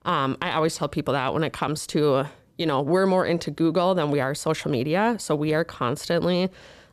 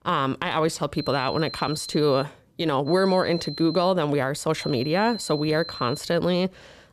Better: first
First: none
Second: high-pitched whine; noticeable; from 1 to 2 s, from 3 to 4 s and from 4.5 to 6 s; 4 kHz, 10 dB below the speech

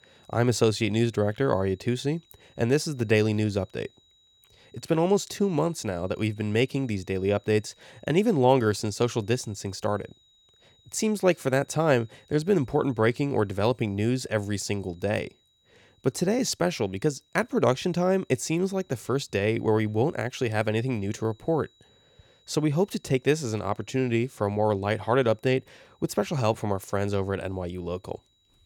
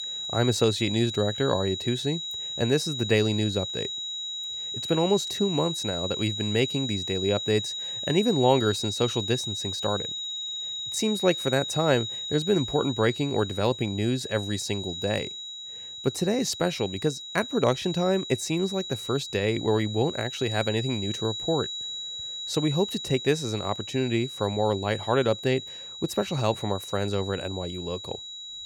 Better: first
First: high-pitched whine; faint; throughout; 4 kHz, 35 dB below the speech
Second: high-pitched whine; loud; throughout; 4 kHz, 5 dB below the speech

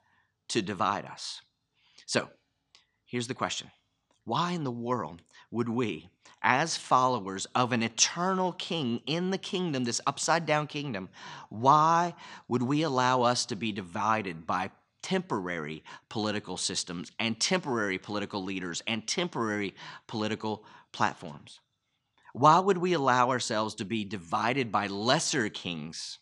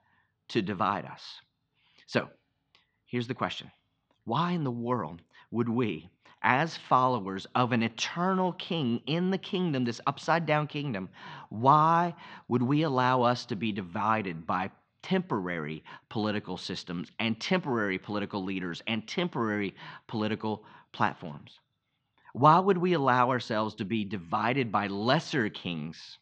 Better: first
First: none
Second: muffled; slightly; fading above 3.5 kHz

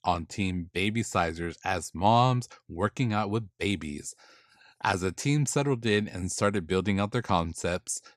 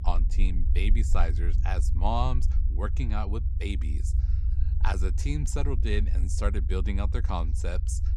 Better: first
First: none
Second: low rumble; noticeable; throughout; 10 dB below the speech

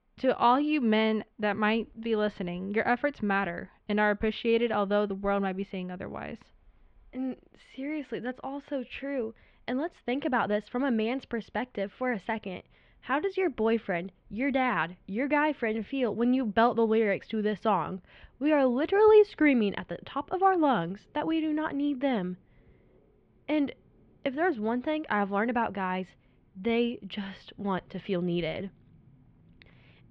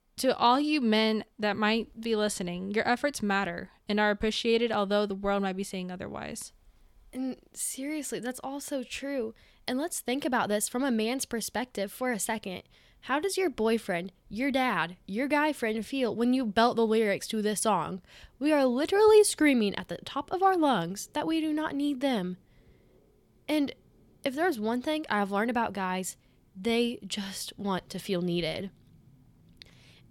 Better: second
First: muffled; very; fading above 3 kHz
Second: none

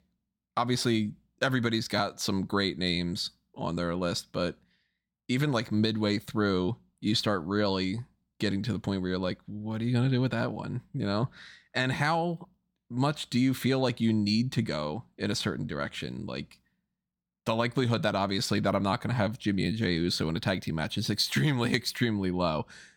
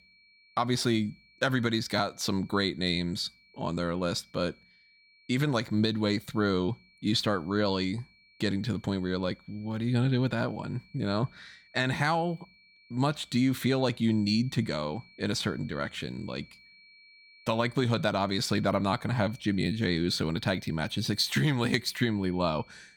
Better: first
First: none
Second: high-pitched whine; faint; throughout; 2.5 kHz, 25 dB below the speech

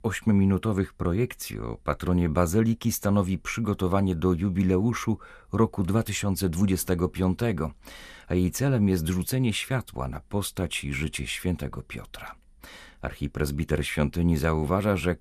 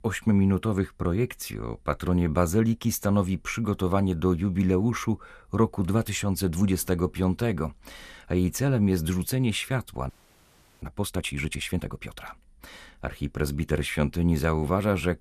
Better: first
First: none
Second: audio freezing; at 10 s for 0.5 s

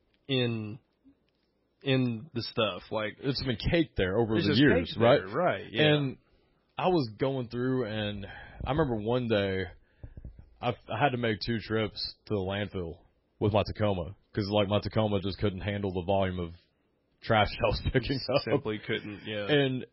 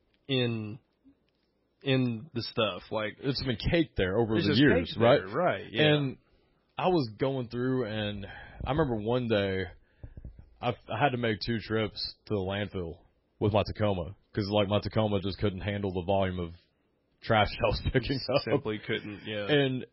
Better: neither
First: garbled, watery; badly; nothing above 5.5 kHz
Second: garbled, watery; badly; nothing above 5.5 kHz

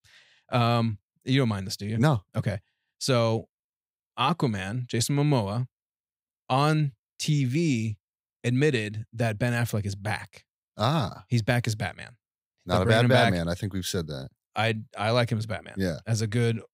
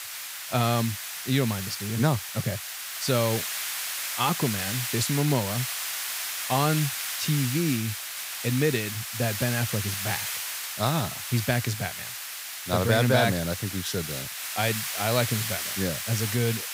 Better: first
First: none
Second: hiss; loud; throughout; 3 dB below the speech

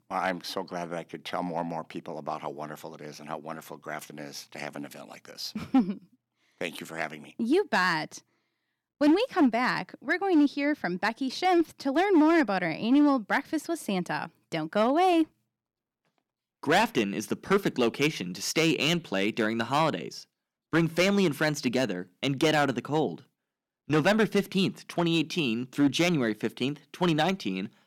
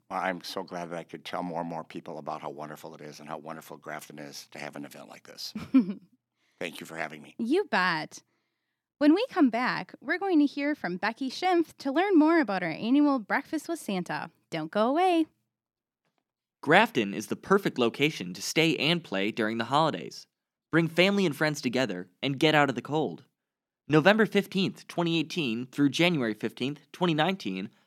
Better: second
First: distortion; slight; 3% of the sound clipped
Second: none

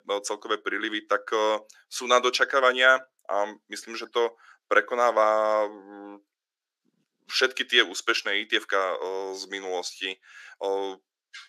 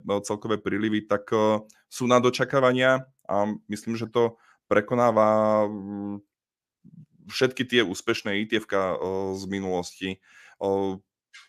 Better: second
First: thin; very; fading below 350 Hz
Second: none

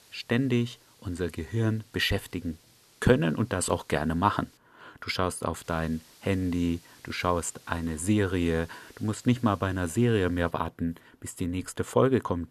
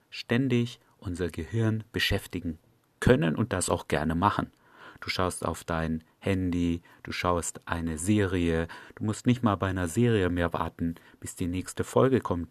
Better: second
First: hiss; faint; until 4.5 s and from 5.5 to 11 s; 25 dB below the speech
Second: none

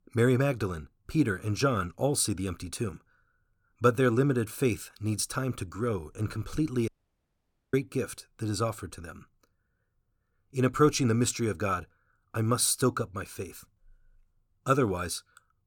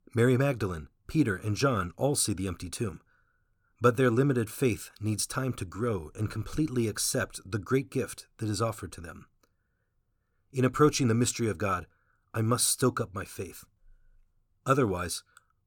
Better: second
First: audio cutting out; at 7 s for 1 s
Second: none

